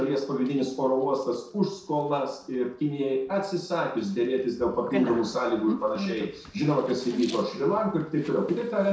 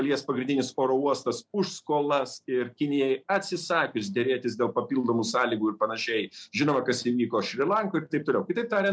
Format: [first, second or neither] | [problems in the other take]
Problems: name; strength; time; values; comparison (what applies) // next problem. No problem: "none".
second | noise reduction (neural separator model SepFormer DNS4)